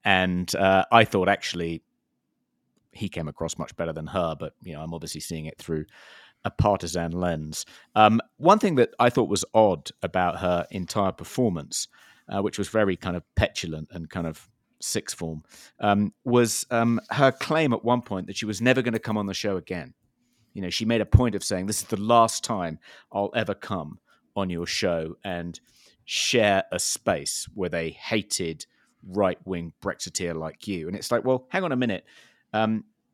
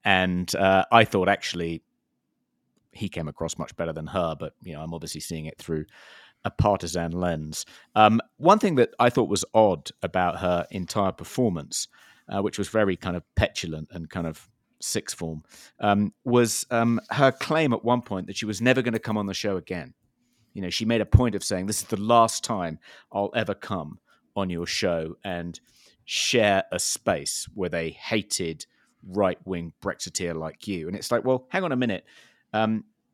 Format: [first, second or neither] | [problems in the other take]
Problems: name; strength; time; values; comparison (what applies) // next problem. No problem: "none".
neither | none